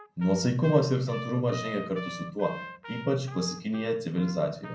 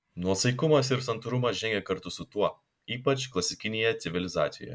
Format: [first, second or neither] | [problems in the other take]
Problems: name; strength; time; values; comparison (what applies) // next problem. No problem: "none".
second | background sound (Trumpet); 14 dB below the speech // room echo; dies away in 0.6 s